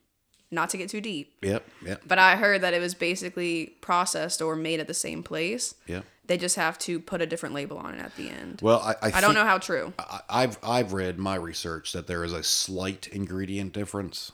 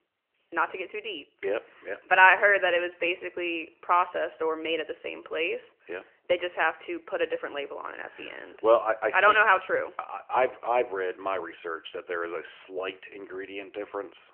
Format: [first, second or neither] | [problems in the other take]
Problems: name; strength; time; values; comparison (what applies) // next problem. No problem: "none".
first | phone-call audio; nothing above 3 kHz